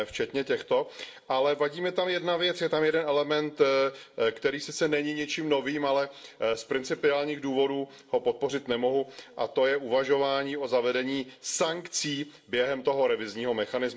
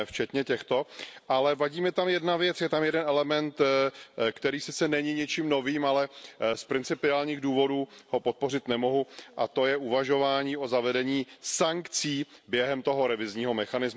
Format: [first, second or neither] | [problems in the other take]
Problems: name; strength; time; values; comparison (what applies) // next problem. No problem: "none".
second | room echo; dies away in 0.4 s